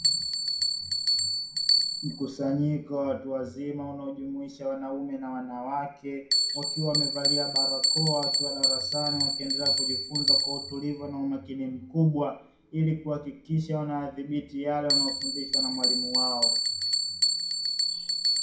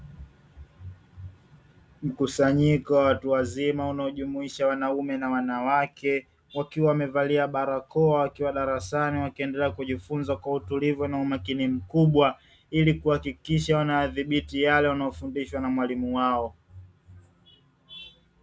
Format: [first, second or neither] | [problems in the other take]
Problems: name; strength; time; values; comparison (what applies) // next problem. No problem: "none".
second | background sound (Bell); 3 dB above the speech // room echo; dies away in 0.5 s